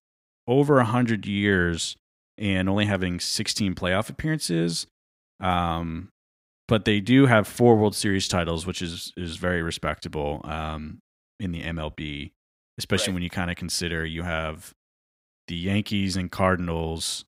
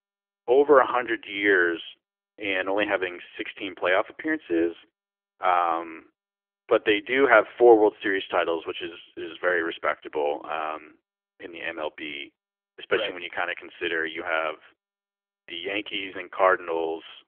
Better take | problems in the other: first | phone-call audio; nothing above 3.5 kHz

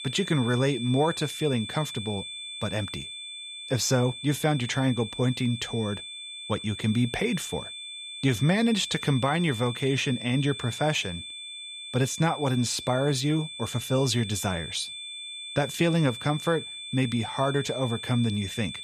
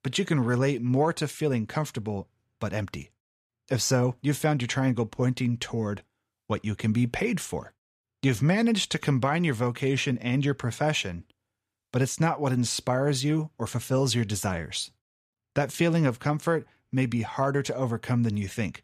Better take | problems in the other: second | high-pitched whine; loud; throughout; 3.5 kHz, 9 dB below the speech

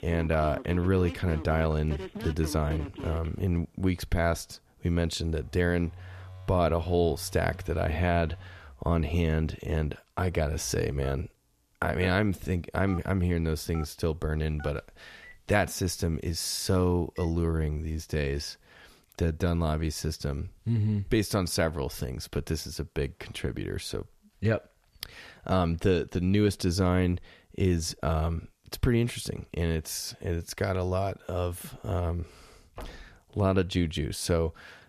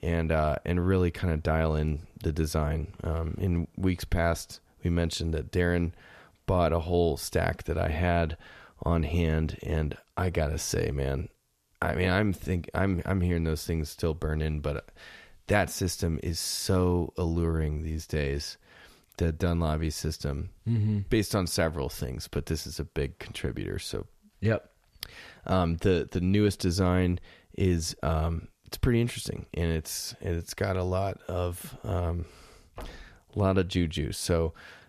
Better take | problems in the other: second | alarms or sirens; noticeable; until 19 s; 15 dB below the speech

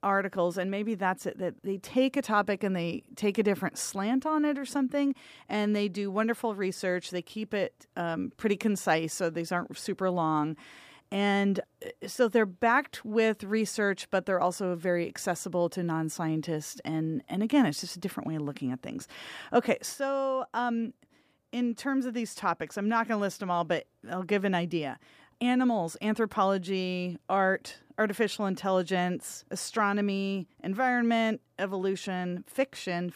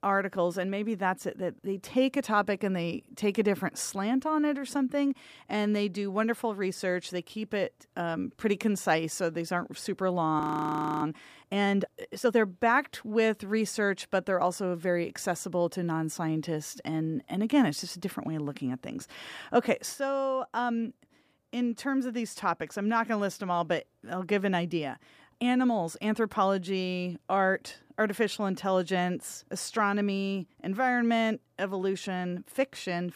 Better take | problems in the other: first | audio freezing; at 10 s for 0.5 s

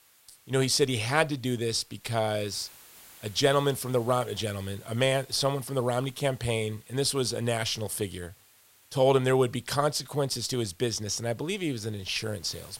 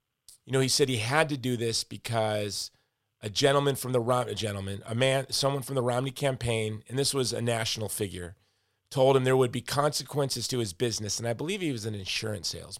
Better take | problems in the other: second | hiss; faint; throughout; 25 dB below the speech

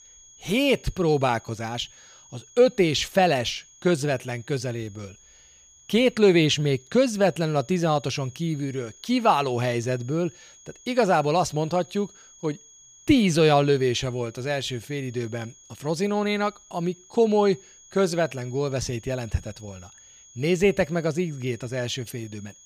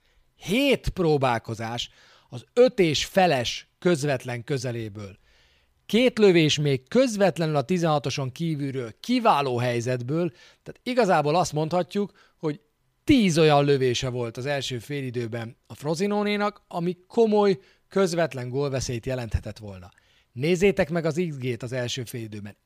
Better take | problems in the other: second | high-pitched whine; faint; throughout; 6.5 kHz, 25 dB below the speech

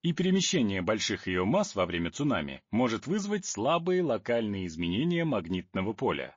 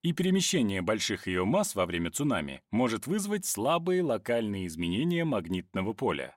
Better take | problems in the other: second | garbled, watery; slightly; nothing above 7 kHz

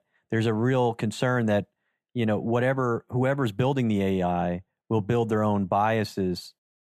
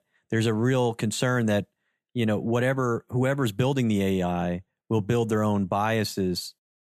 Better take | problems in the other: second | muffled; slightly; fading above 4 kHz

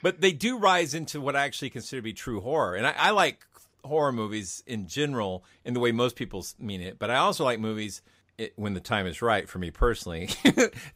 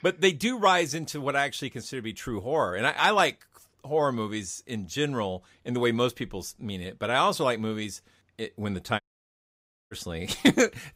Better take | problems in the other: first | audio cutting out; at 9 s for 1 s

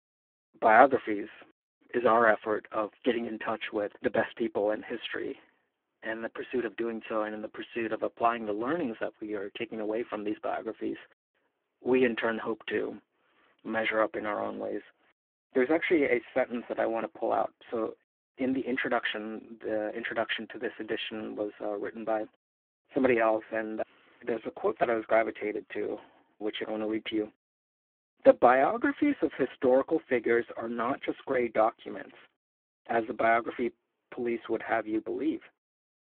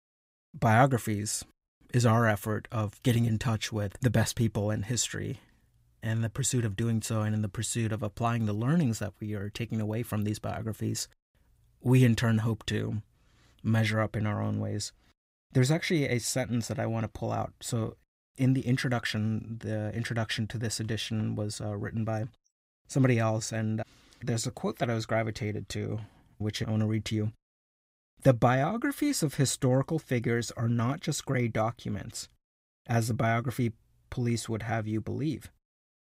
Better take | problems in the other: second | phone-call audio; poor line

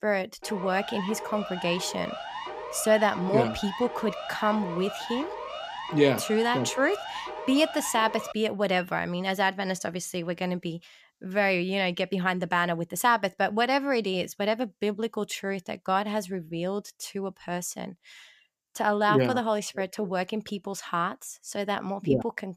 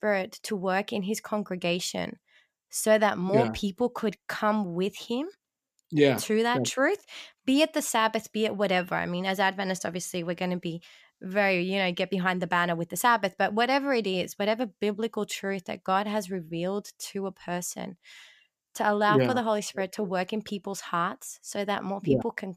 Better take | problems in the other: second | siren; noticeable; until 8.5 s; peak 8 dB below the speech

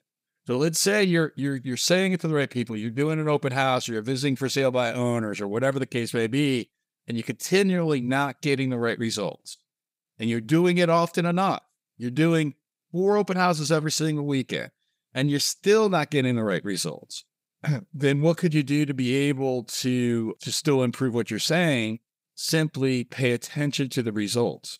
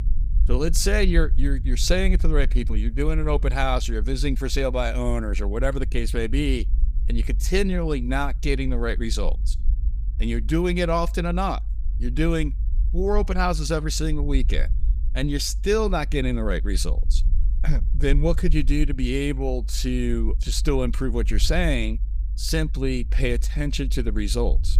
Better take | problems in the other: first | low rumble; faint; throughout; 20 dB below the speech

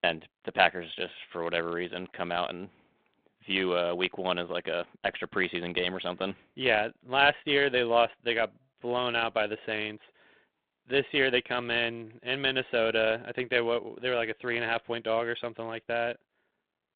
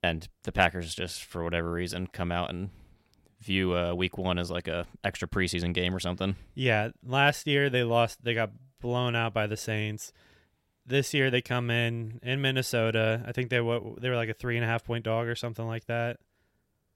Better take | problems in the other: second | phone-call audio

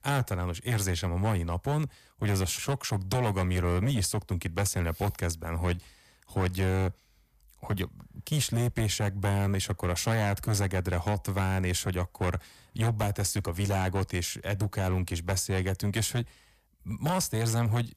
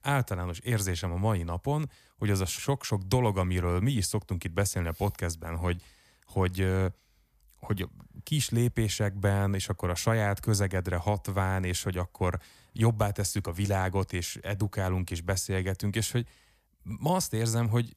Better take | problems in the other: second | distortion; slight; 11% of the sound clipped

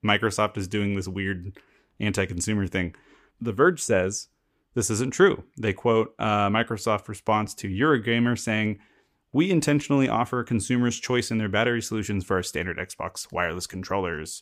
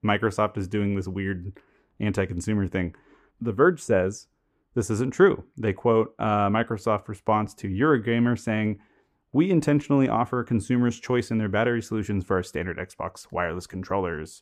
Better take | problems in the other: first | muffled; slightly; fading above 2 kHz

